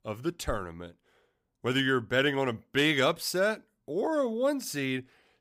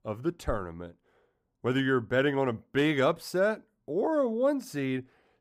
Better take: first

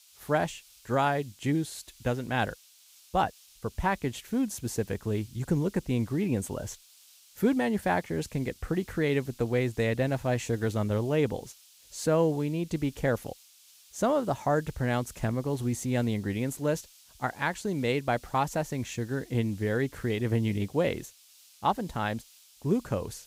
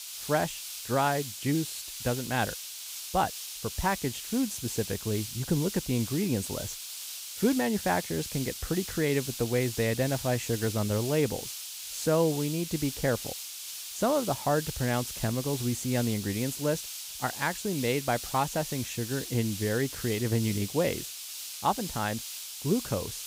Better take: first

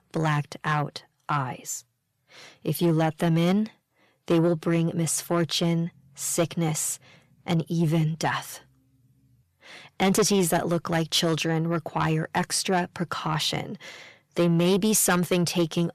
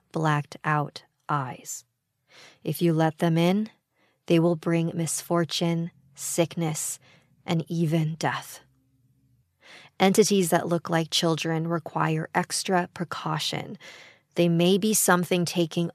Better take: second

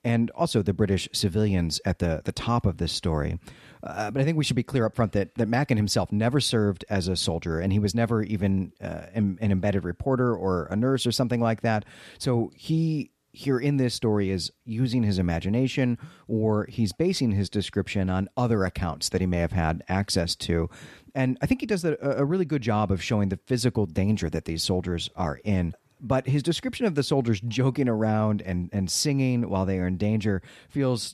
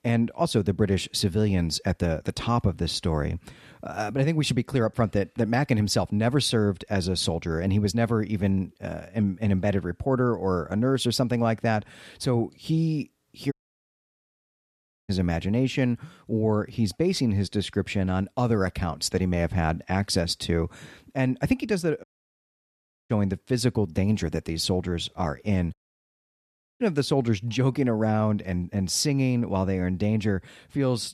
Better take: first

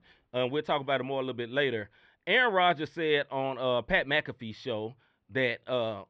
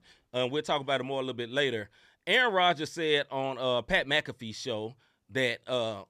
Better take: second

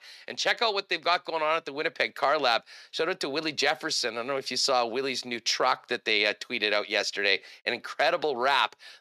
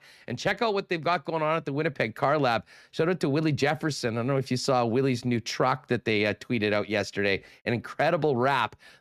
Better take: second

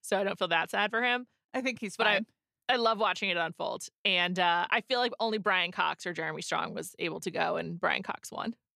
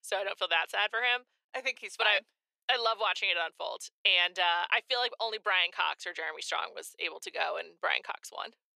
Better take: first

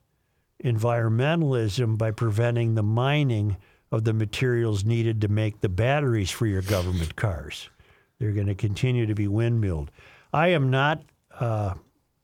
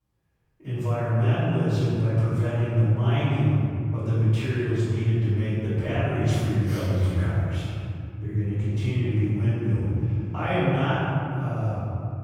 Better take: first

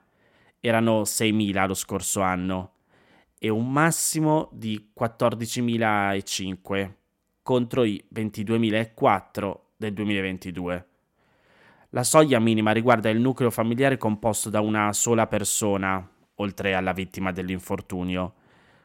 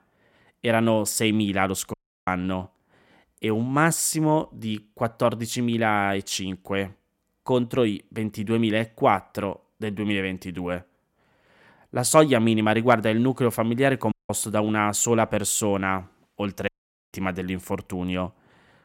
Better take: first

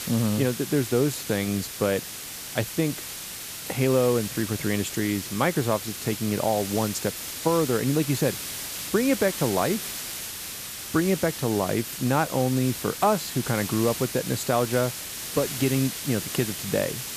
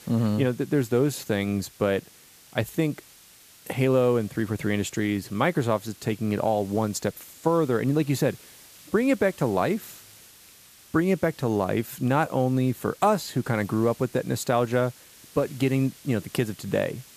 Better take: second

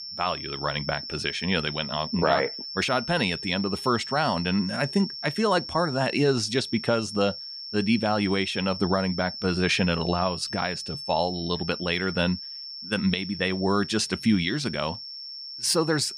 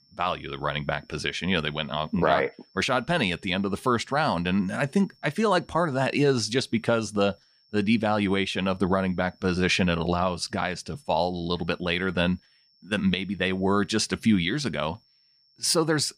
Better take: second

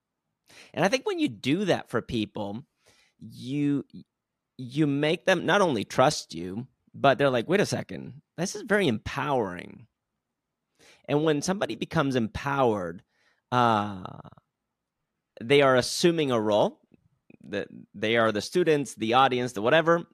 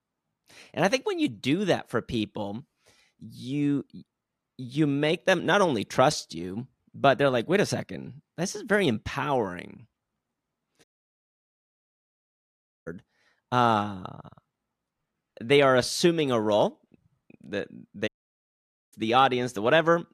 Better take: first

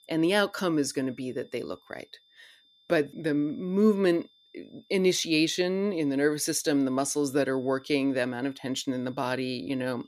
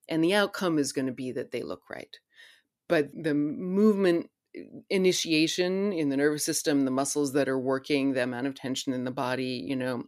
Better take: second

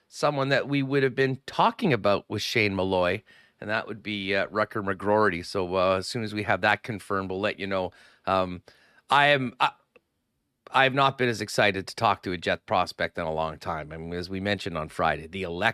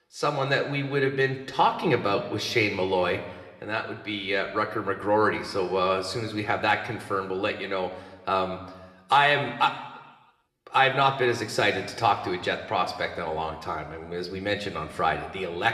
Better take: first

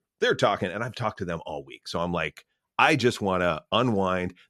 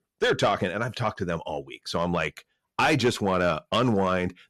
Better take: first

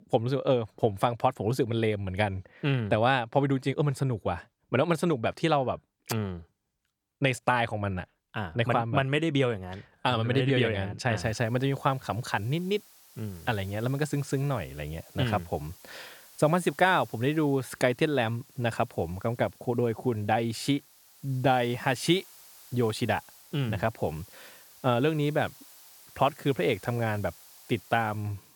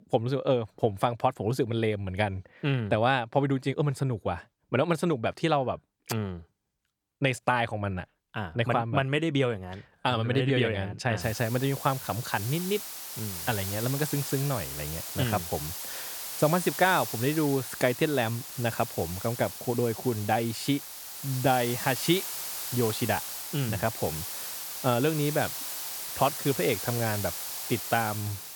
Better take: first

